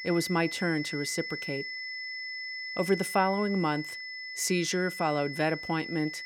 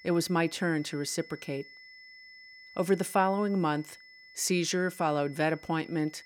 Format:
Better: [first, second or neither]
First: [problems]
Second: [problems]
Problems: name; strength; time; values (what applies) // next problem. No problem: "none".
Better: second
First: high-pitched whine; loud; throughout; 2 kHz, 7 dB below the speech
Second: high-pitched whine; faint; throughout; 2 kHz, 20 dB below the speech